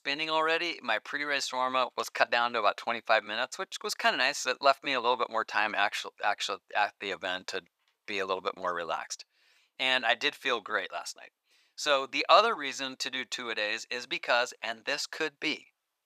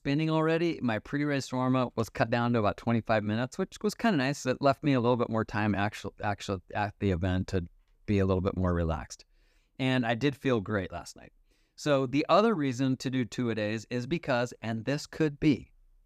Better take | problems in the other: second | thin; very; fading below 850 Hz

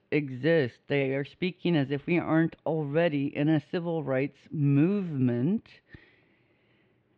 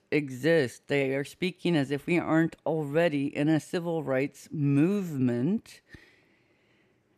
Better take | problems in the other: second | muffled; very slightly; fading above 3.5 kHz

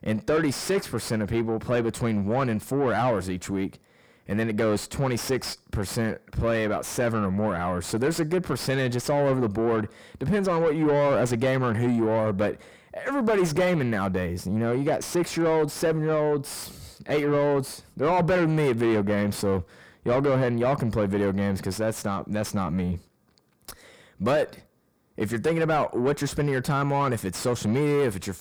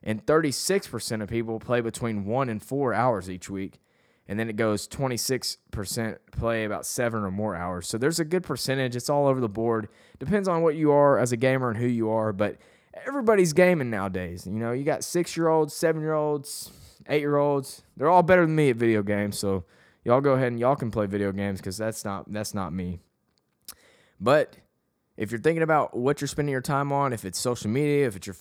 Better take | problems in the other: second | distortion; heavy; 7 dB below the speech

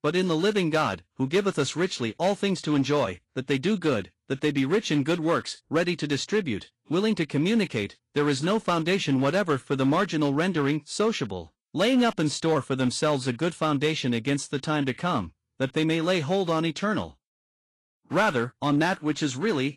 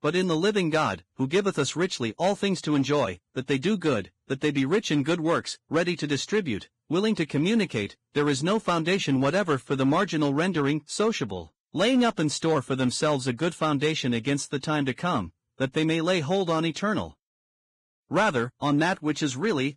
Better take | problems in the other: first | garbled, watery; badly; slightly in the first

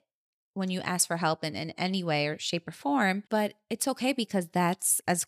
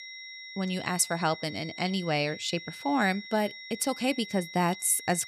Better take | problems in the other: first | high-pitched whine; noticeable; throughout; 2 kHz, 15 dB below the speech

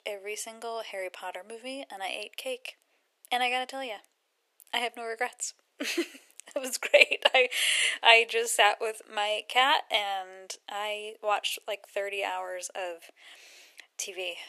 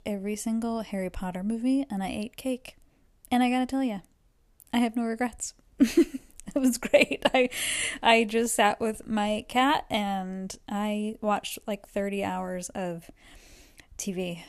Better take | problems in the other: second | thin; very; fading below 400 Hz

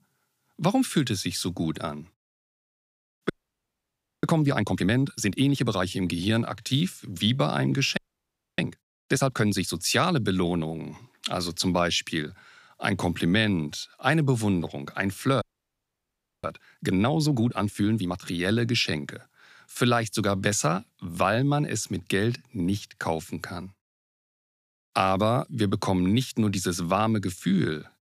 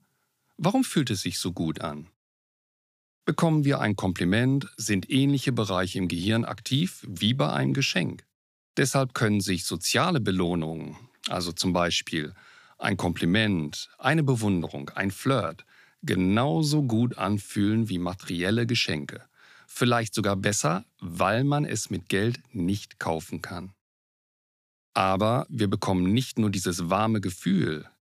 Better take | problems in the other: second | audio freezing; at 3.5 s for 1 s, at 8 s for 0.5 s and at 15 s for 1 s

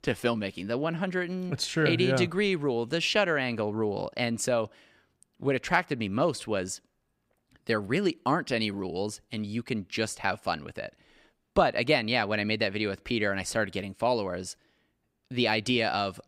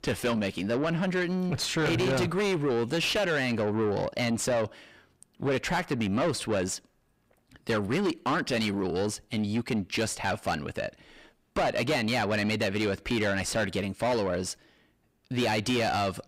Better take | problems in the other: first | distortion; heavy; 6 dB below the speech

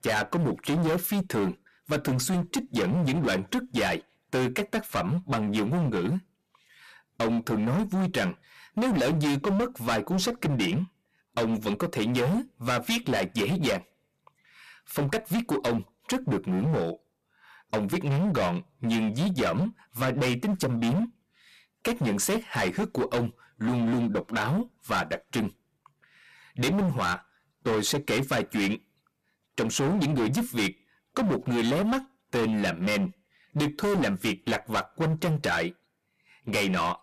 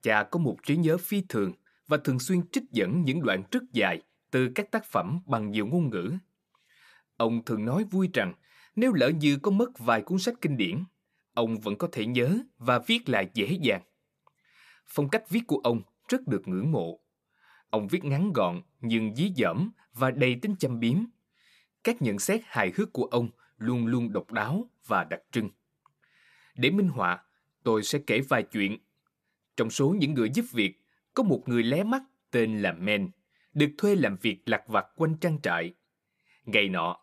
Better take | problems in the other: second | distortion; heavy; 21% of the sound clipped

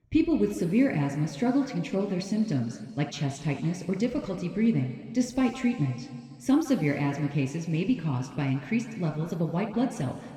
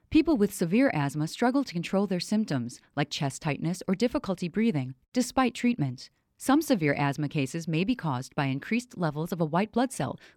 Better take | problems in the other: second | room echo; noticeable; dies away in 2.1 s

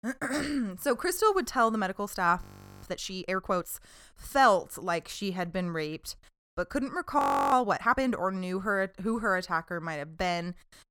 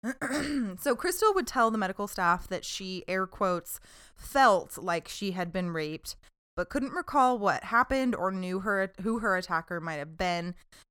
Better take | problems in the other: second | audio freezing; at 2.5 s and at 7 s

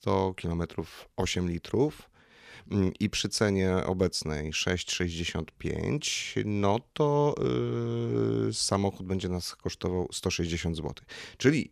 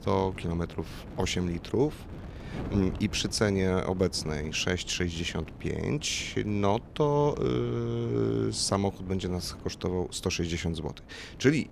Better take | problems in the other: first | wind noise on the microphone; occasional gusts; 20 dB below the speech

